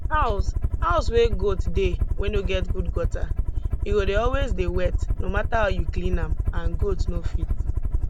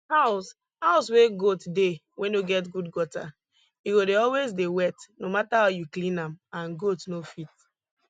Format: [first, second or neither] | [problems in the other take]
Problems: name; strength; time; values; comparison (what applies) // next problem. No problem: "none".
second | background sound (Aircraft); 5 dB above the speech